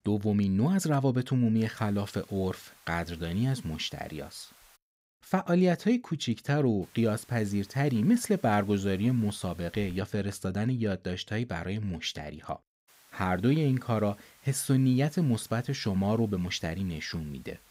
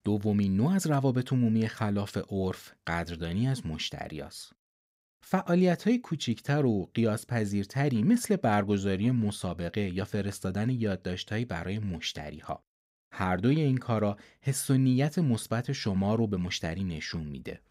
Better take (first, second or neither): second